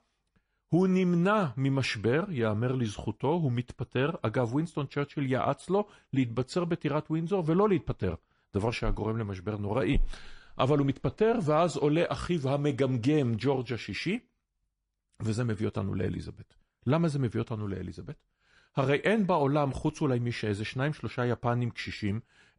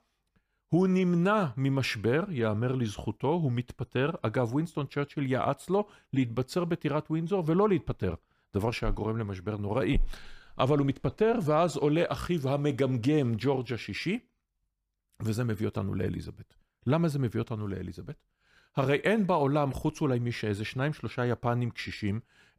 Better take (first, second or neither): second